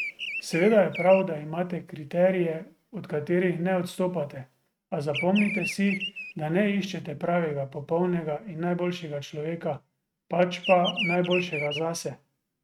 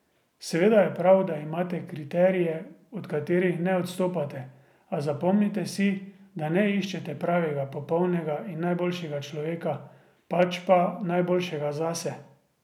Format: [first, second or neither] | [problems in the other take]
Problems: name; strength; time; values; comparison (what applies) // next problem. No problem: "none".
second | noise reduction (neural mask model RNNoise)